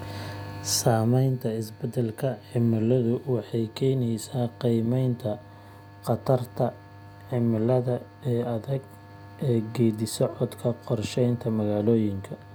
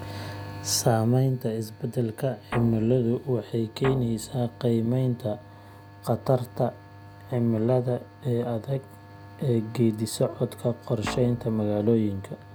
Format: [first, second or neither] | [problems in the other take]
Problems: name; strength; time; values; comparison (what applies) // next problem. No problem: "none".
first | background sound (Guitar); 12 dB below the speech